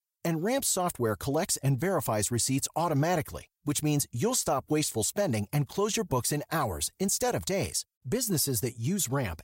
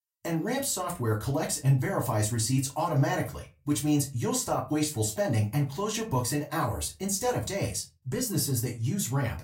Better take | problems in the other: first | off-mic speech; far // room echo; very slight; dies away in 0.2 s

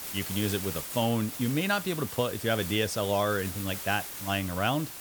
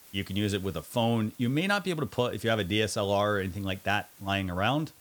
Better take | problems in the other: second | hiss; loud; throughout; 7 dB below the speech; faint in the second

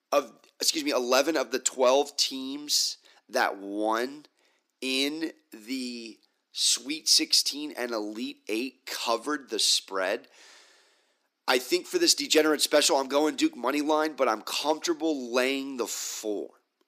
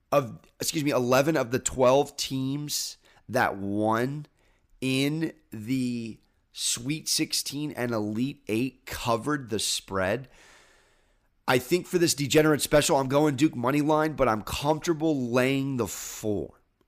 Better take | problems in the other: second | thin; very slightly; fading below 300 Hz

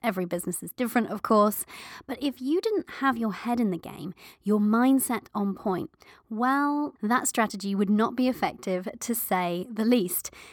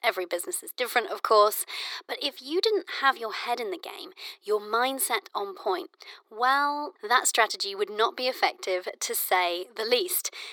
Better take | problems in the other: first | thin; very; fading below 400 Hz

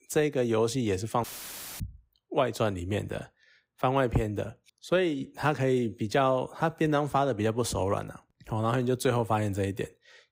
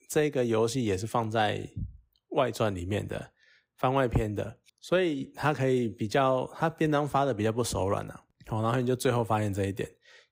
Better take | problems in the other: second | audio cutting out; filled with static; at 1 s for 0.5 s

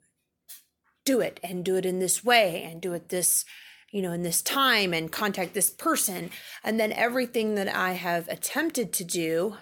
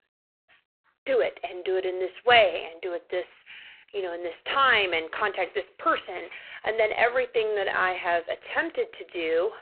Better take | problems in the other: first | phone-call audio; poor line

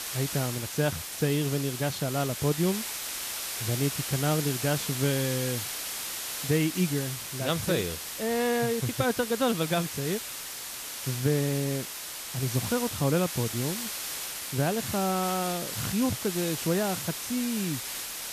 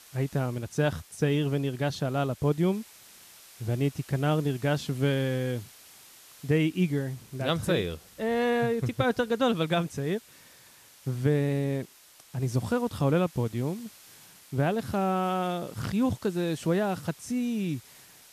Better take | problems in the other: second | hiss; loud; throughout; 4 dB below the speech; faint in the second

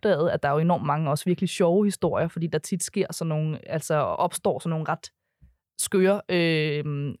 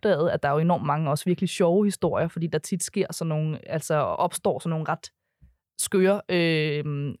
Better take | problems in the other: neither | none

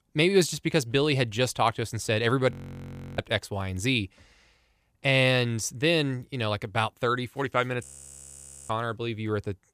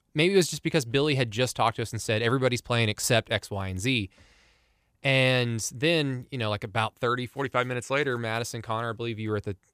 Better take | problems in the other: second | audio freezing; at 2.5 s for 0.5 s and at 8 s for 1 s

